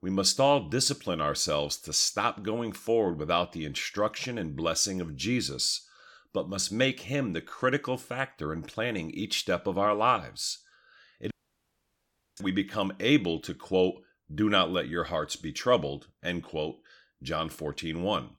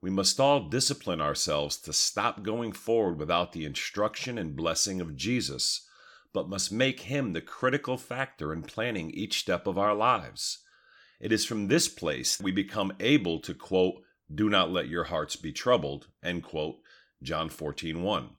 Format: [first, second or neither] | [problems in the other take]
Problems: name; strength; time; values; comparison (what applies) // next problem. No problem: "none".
second | audio cutting out; at 11 s for 1 s